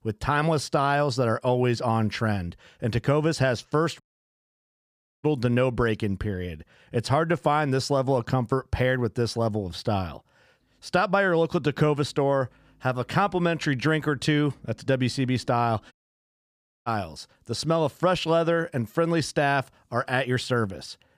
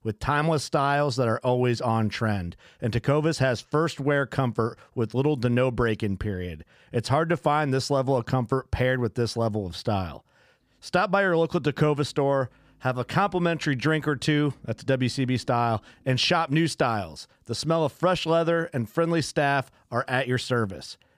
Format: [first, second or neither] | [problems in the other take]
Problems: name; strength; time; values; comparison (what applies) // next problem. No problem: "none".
second | audio cutting out; at 4 s for 1 s and at 16 s for 1 s